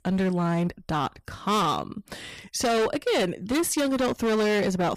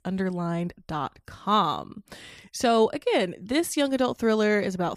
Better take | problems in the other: second | distortion; heavy; 20% of the sound clipped

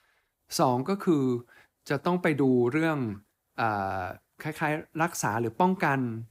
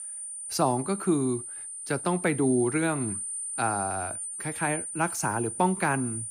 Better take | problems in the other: first | high-pitched whine; loud; throughout; 9 kHz, 5 dB below the speech

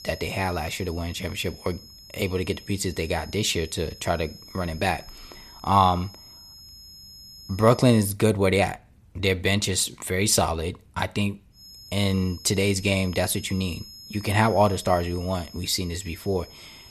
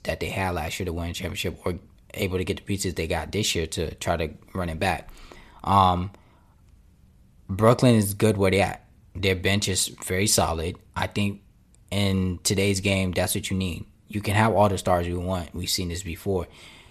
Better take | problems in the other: second | high-pitched whine; noticeable; until 8 s and from 12 s on; 5 kHz, 20 dB below the speech

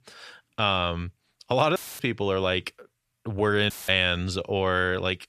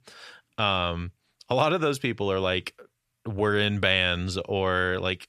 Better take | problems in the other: second | audio cutting out; filled with static; at 2 s and at 3.5 s

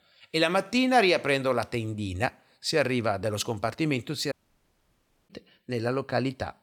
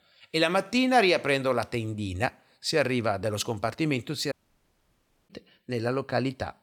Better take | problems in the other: neither | audio cutting out; at 4.5 s for 1 s; the same in both

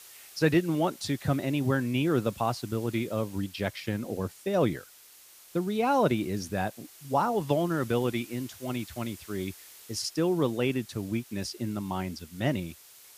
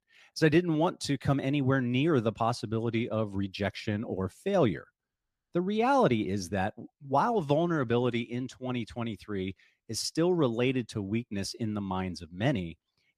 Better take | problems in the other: second | hiss; noticeable; throughout; 20 dB below the speech

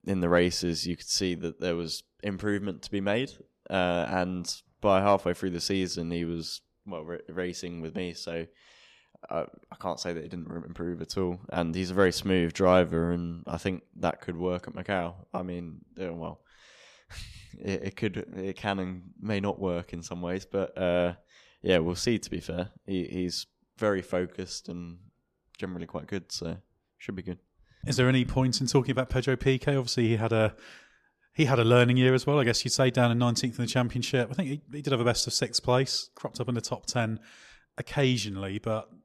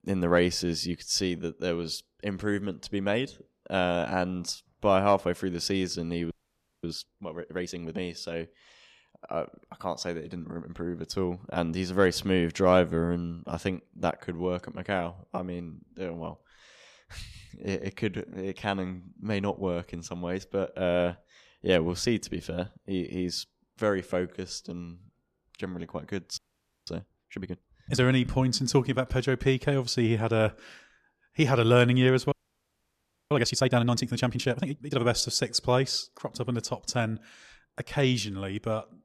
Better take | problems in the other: first | audio freezing; at 6.5 s for 0.5 s, at 26 s and at 32 s for 1 s

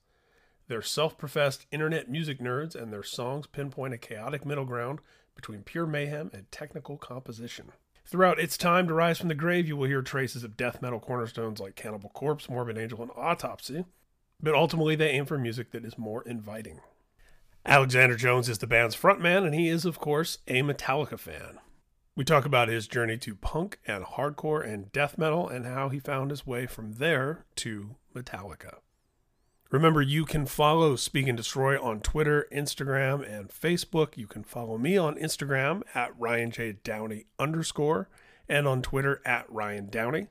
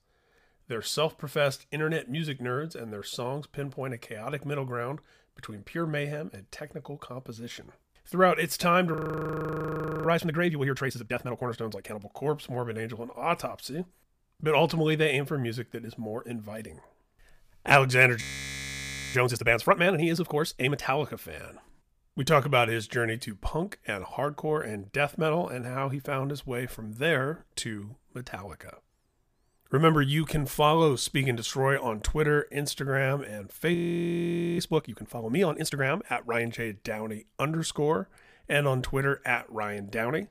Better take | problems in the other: first | audio freezing; at 9 s for 1 s, at 18 s for 1 s and at 34 s for 1 s

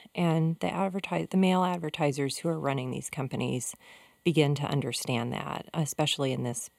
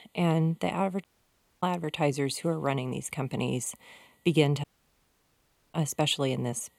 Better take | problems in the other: first | audio cutting out; at 1 s for 0.5 s and at 4.5 s for 1 s

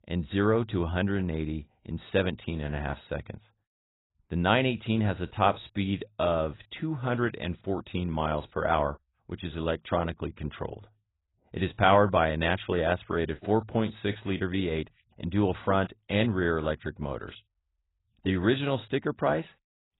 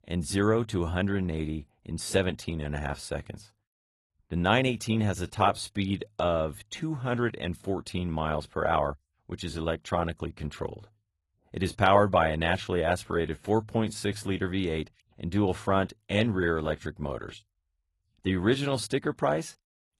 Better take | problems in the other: second | garbled, watery; badly; nothing above 4 kHz; slightly in the second

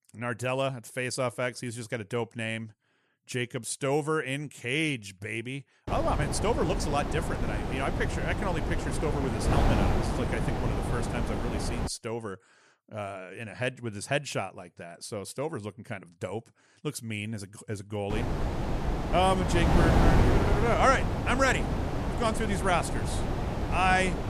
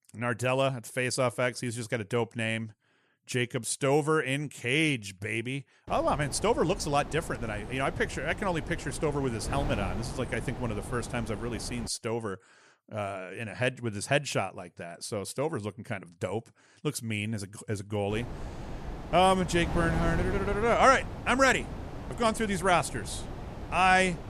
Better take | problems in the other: second | wind noise on the microphone; heavy; from 6 to 12 s and from 18 s on; 3 dB below the speech; occasional gusts in the second

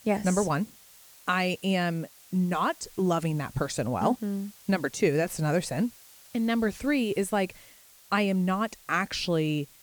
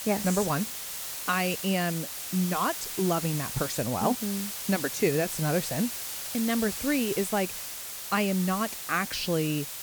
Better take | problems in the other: first | hiss; loud; throughout; 5 dB below the speech; faint in the first

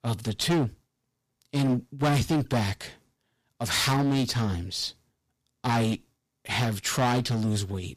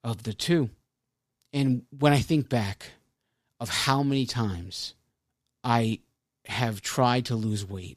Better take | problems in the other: second | distortion; heavy; 11% of the sound clipped

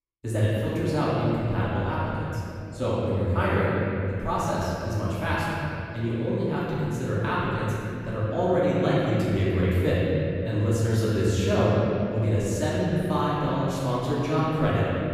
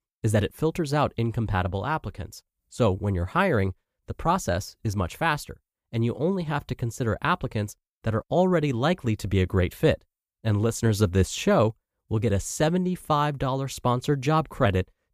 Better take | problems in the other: second | room echo; strong; dies away in 3 s // off-mic speech; far

